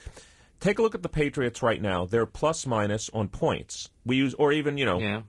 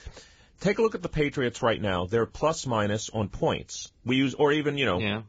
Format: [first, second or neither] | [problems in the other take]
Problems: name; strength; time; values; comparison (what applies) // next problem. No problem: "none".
first | garbled, watery; badly; nothing above 7.5 kHz; slightly in the first